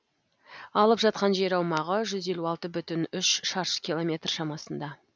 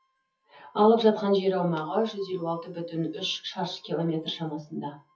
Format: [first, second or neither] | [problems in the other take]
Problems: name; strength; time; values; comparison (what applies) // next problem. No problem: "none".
first | noise reduction (classical method WPE with log-MMSE)